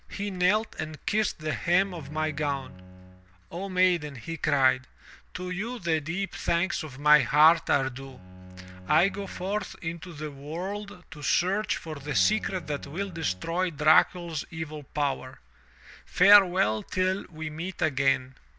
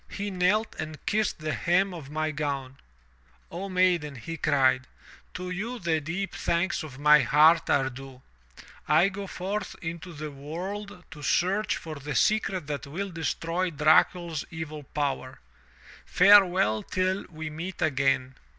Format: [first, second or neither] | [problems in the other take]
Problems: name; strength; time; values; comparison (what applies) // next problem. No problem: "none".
second | background sound (Bowed string instrument); 18 dB below the speech